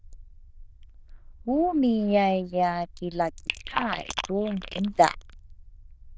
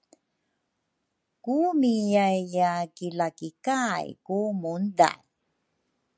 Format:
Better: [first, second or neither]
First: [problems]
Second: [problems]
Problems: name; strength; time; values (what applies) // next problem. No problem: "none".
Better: second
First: noise reduction (neural diffusion model UNIVERSE++)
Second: none